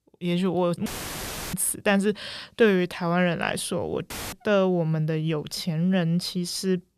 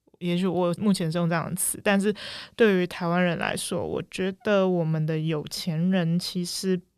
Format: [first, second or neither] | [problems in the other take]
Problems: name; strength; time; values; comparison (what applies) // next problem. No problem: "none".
second | audio cutting out; filled with static; at 1 s for 0.5 s and at 4 s